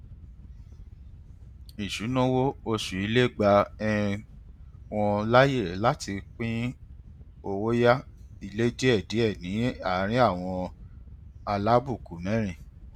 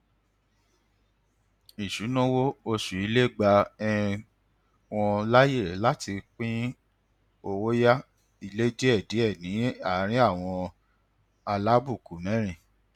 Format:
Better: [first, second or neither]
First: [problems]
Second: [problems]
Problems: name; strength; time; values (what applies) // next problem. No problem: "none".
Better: second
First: background sound (Wind / Boat, Water vehicle); 18 dB below the speech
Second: none